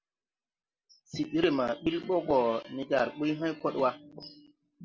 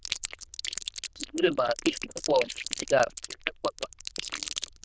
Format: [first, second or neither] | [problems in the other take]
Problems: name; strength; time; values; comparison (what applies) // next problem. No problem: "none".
first | noise reduction (neural diffusion model UNIVERSE++)